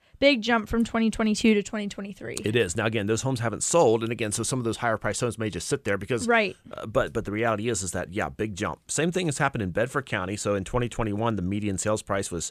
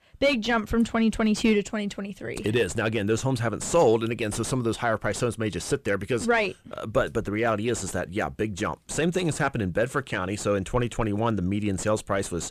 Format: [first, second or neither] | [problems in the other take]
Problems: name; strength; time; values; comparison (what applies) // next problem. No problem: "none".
first | distortion; slight; 10 dB below the speech